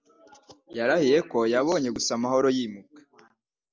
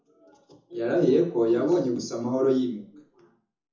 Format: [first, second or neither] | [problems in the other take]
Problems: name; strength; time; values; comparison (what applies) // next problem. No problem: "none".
first | room echo; dies away in 0.5 s